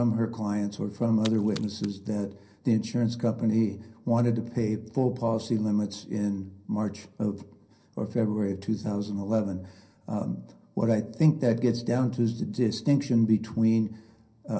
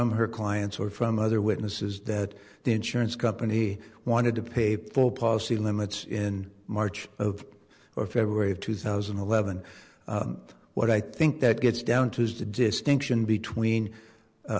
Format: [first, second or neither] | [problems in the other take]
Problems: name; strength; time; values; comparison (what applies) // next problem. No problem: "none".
second | background sound (Splash, splatter); 18 dB below the speech // room echo; dies away in 0.3 s